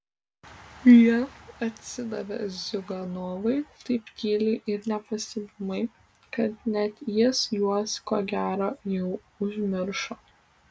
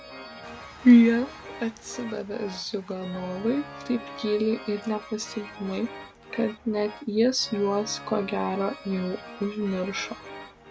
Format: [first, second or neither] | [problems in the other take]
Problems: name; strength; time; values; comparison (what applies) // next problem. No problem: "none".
first | background sound (Organ); 16 dB below the speech